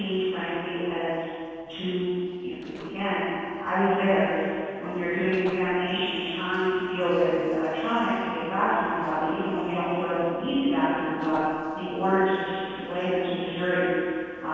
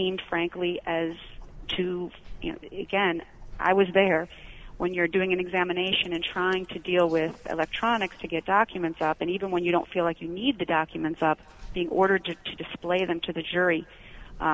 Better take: second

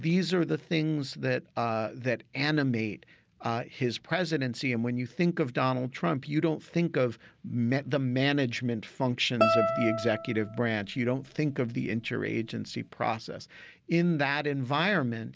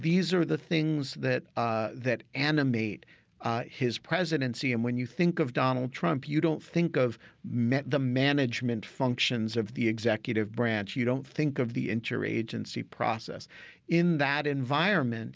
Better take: second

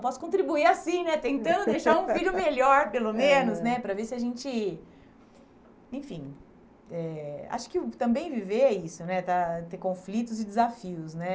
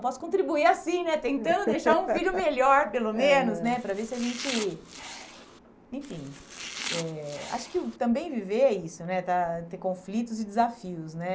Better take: first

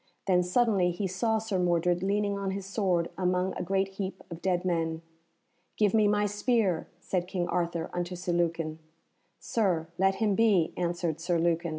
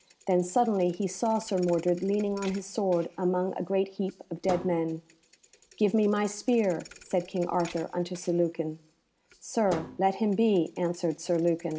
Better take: first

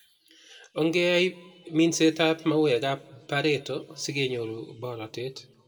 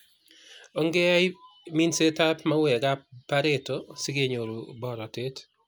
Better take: second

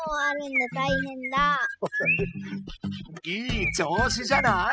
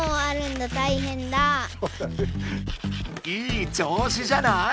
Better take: second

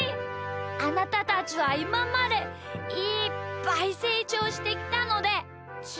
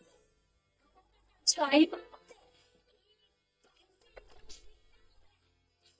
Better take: first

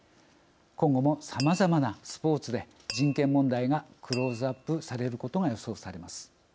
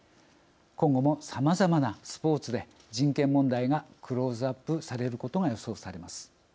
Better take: second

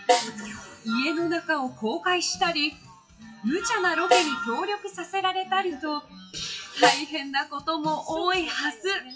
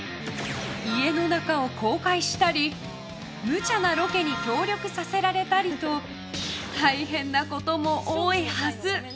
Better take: second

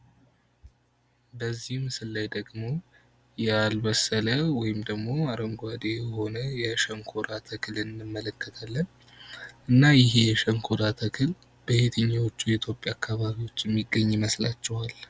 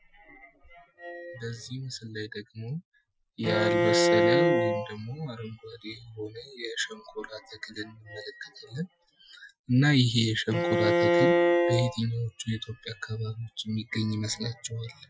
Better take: first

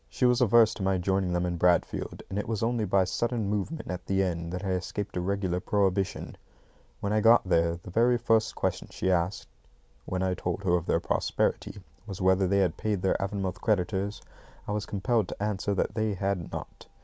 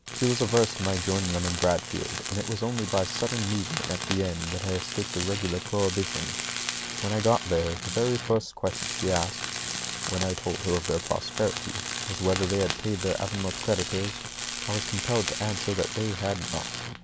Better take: first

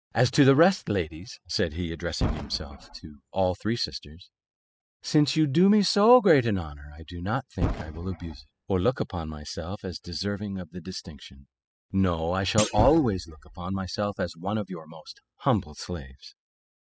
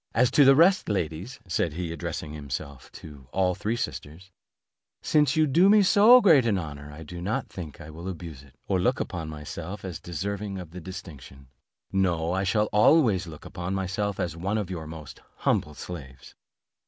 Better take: second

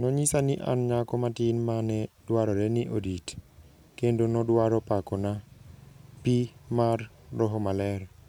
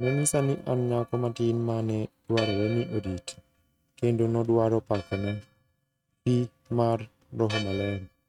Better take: first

